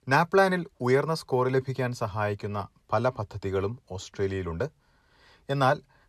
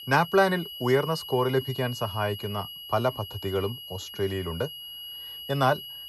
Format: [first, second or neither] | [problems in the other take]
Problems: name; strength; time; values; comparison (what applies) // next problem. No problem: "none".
first | high-pitched whine; noticeable; throughout; 3 kHz, 10 dB below the speech